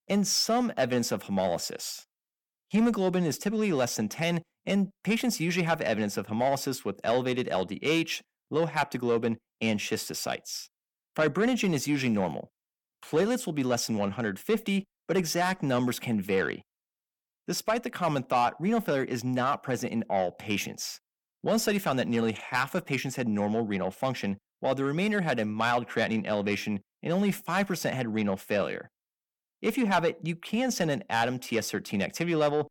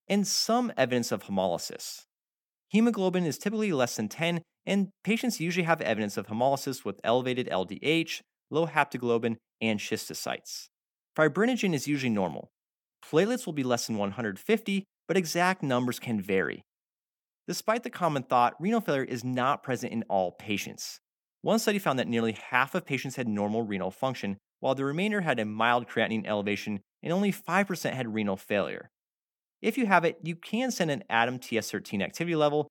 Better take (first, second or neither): second